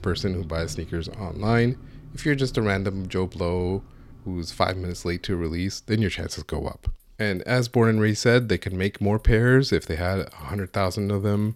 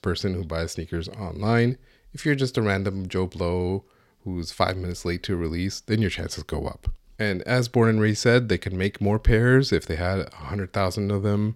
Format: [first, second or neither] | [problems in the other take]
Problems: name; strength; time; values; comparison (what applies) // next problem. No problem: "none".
second | traffic noise; faint; throughout; 20 dB below the speech